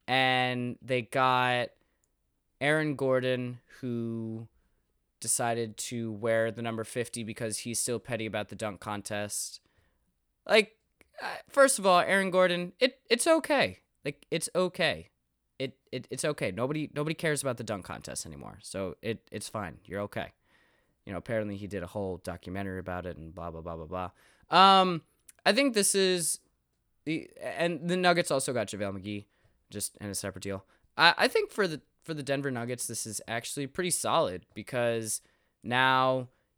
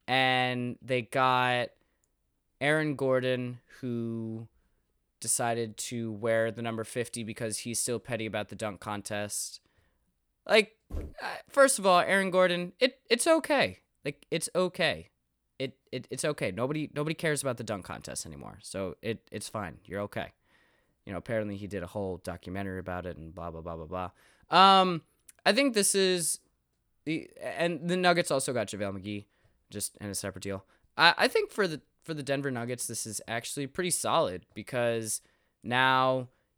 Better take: first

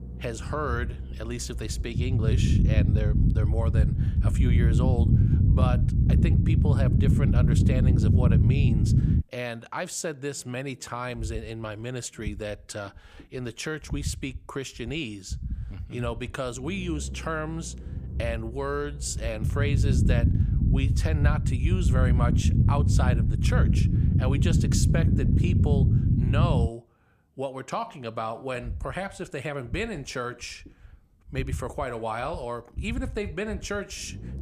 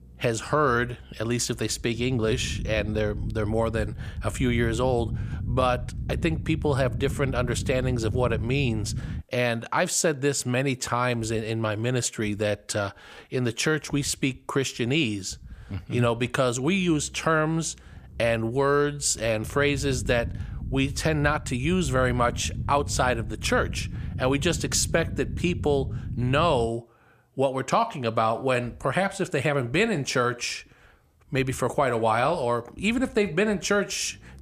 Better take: second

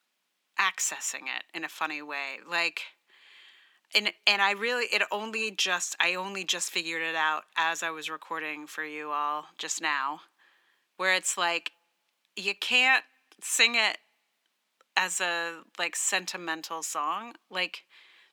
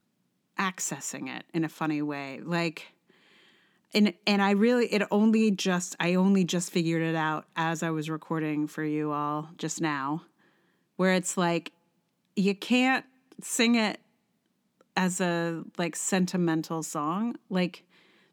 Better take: second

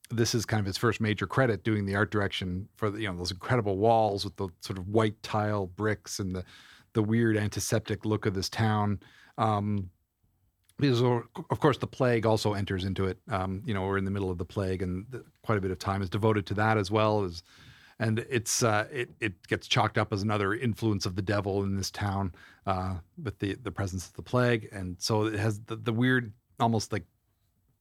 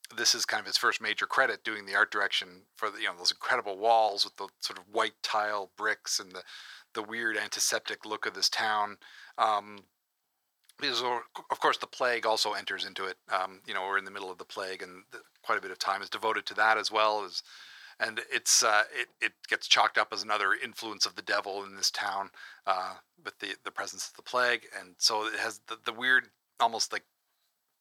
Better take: first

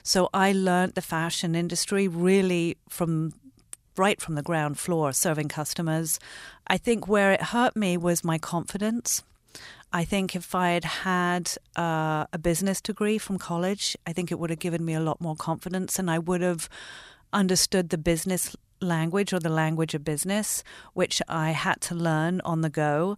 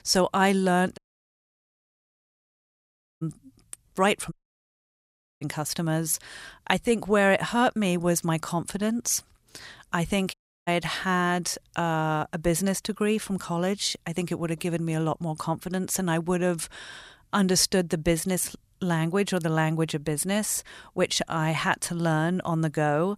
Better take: first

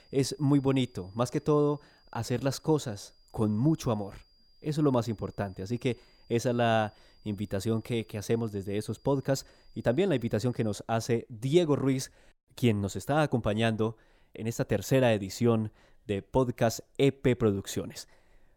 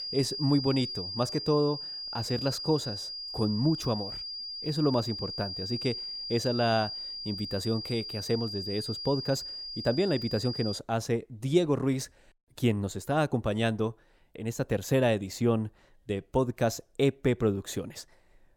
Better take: first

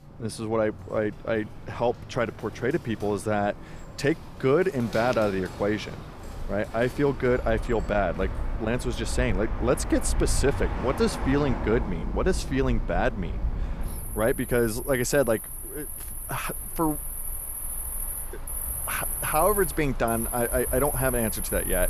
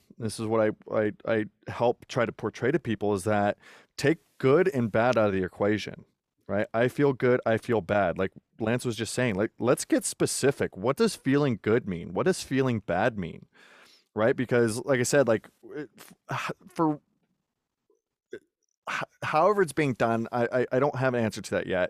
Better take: second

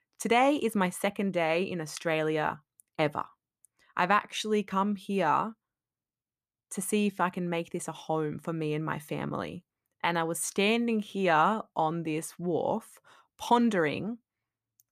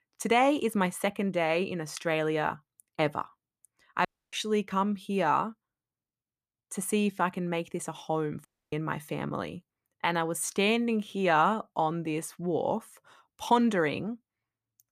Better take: first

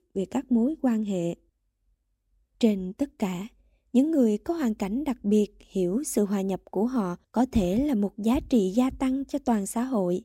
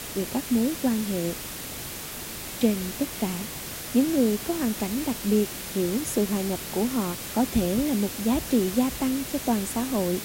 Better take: first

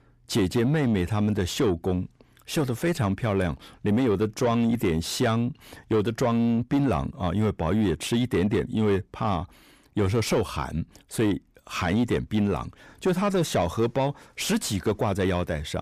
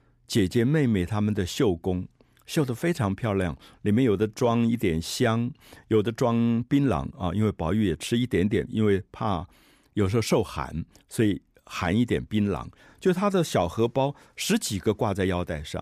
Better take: second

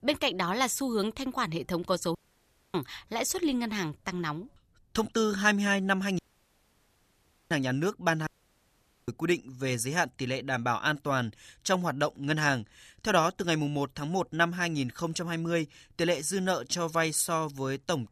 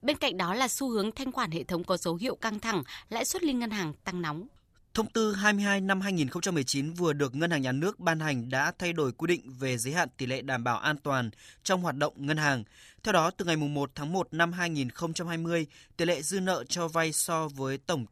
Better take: second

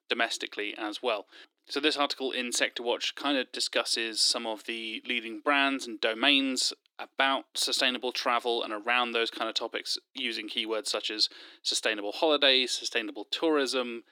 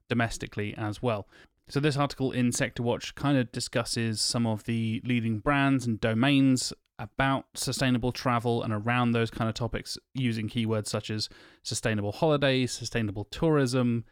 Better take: second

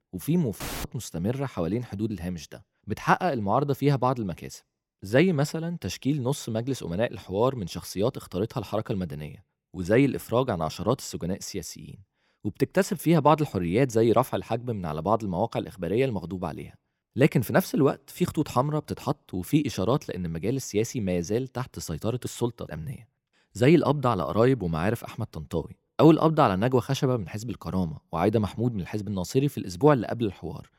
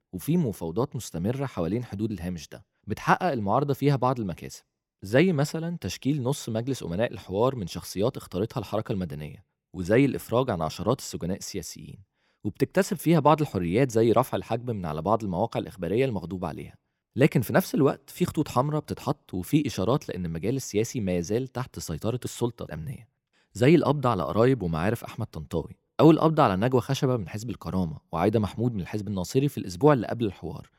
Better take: second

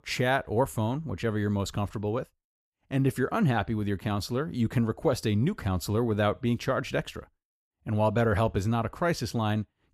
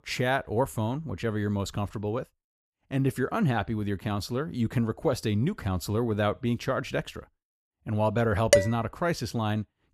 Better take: first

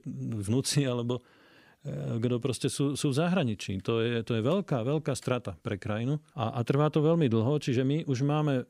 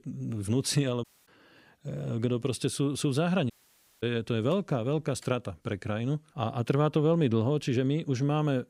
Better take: first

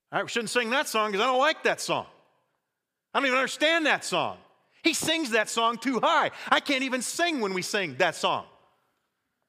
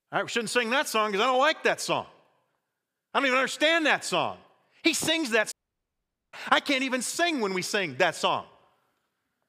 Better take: first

